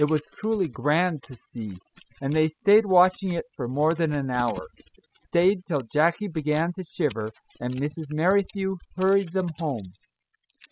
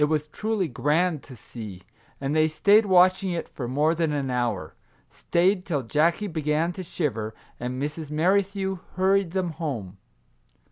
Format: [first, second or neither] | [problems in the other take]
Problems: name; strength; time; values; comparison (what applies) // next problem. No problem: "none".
second | noise reduction (classical method spectral subtraction)